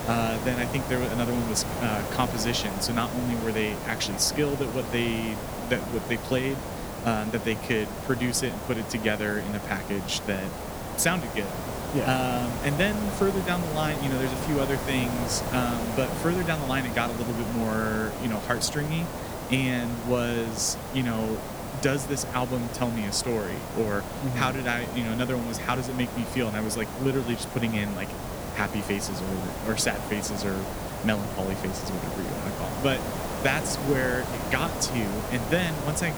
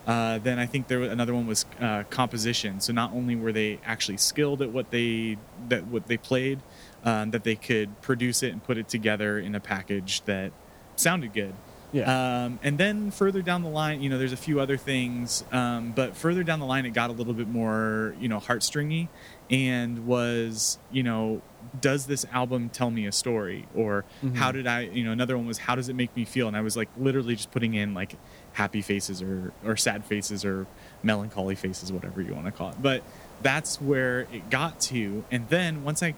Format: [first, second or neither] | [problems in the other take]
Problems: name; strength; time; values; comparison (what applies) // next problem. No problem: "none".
second | hiss; loud; throughout; 5 dB below the speech; faint in the second